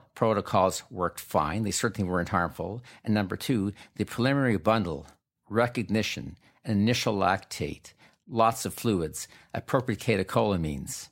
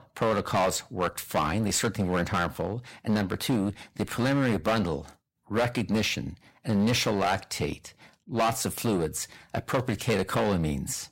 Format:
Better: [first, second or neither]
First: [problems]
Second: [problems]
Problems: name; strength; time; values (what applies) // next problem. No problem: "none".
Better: first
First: none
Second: distortion; heavy; 9% of the sound clipped